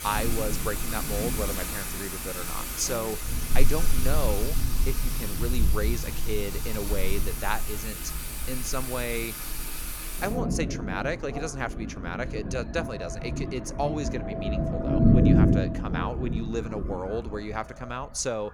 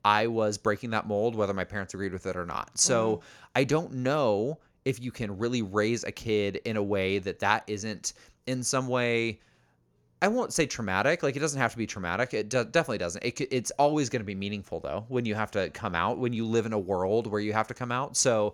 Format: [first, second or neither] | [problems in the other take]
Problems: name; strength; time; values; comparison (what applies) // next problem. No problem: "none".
second | rain or running water; very loud; throughout; 4 dB above the speech